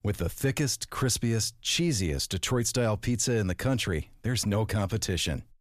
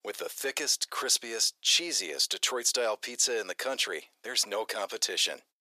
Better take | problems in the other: first | thin; very; fading below 450 Hz

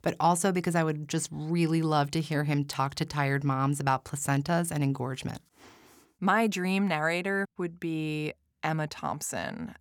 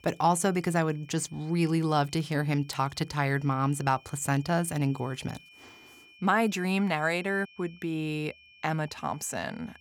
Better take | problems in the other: first | high-pitched whine; faint; throughout; 2.5 kHz, 25 dB below the speech

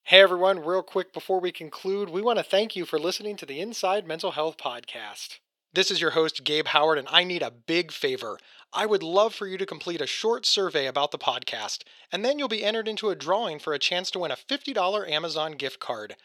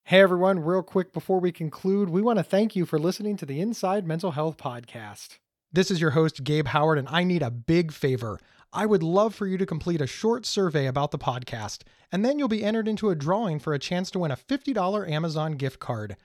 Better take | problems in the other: second | thin; somewhat; fading below 450 Hz

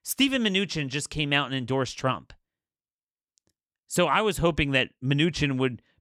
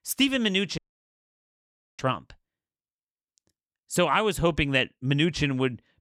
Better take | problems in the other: first | audio cutting out; at 1 s for 1 s

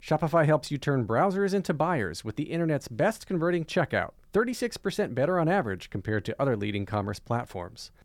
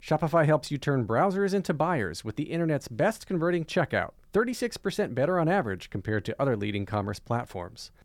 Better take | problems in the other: neither | none

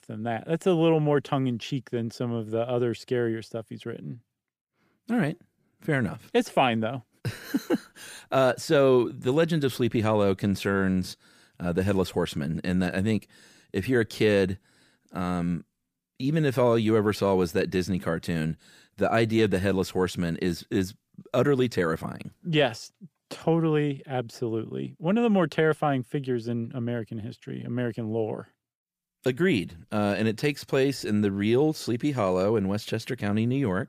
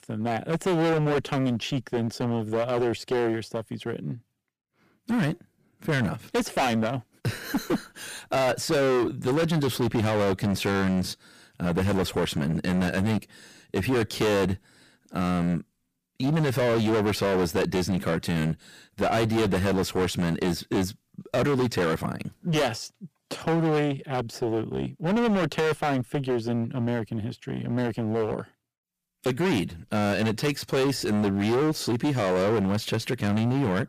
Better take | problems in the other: first | distortion; heavy; 21% of the sound clipped

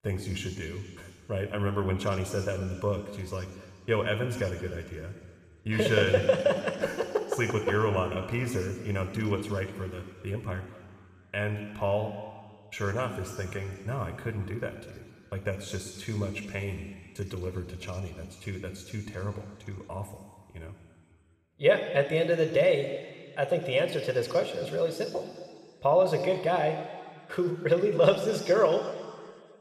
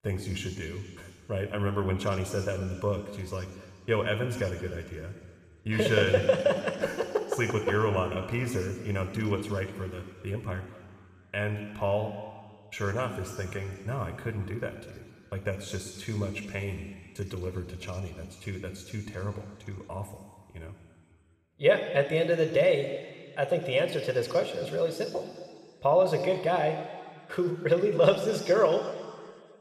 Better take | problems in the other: neither | room echo; noticeable; dies away in 2.2 s; the same in both

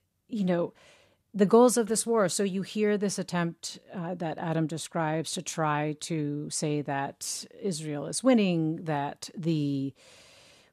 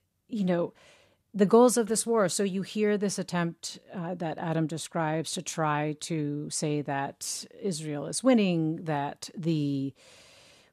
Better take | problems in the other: neither | none

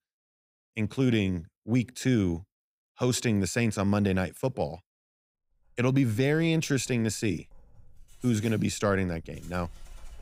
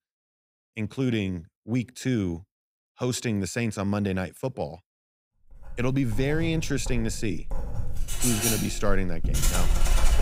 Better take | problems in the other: first | household noises; loud; from 5.5 s on; 1 dB below the speech; faint in the first

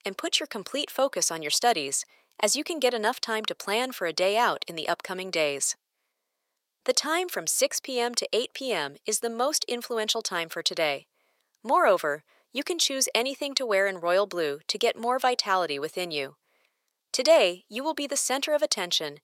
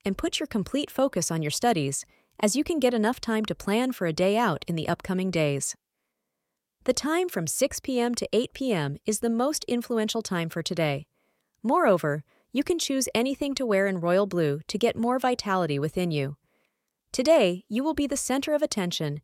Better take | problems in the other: second | thin; somewhat; fading below 550 Hz

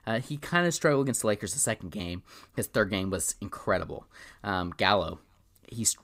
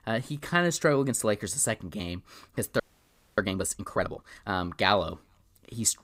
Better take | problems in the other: first | audio freezing; at 3 s for 0.5 s

